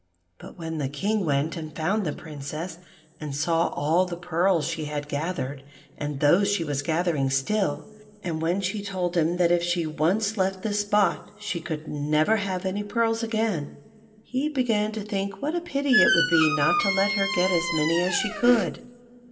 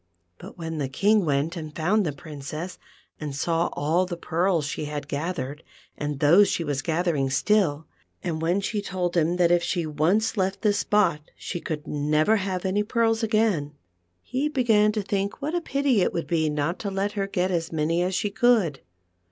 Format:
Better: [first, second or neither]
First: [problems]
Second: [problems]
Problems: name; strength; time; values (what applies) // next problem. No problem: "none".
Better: second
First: background sound (Squeak); 1 dB below the speech // room echo; dies away in 1.5 s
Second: none